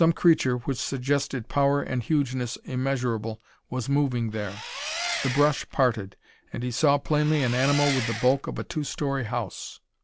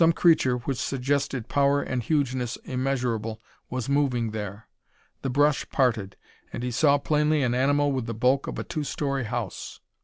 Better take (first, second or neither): second